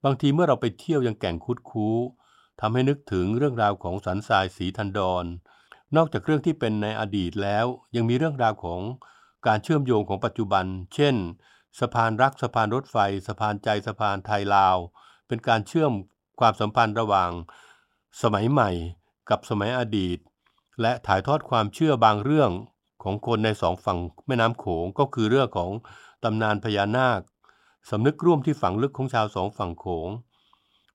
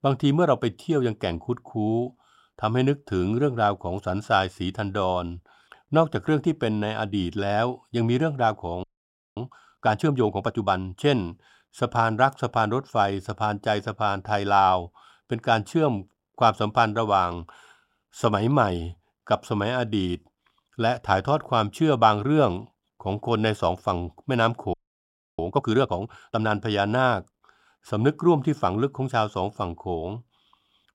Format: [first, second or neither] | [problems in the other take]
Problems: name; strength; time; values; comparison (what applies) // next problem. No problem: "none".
first | audio freezing; at 9 s for 0.5 s and at 25 s for 0.5 s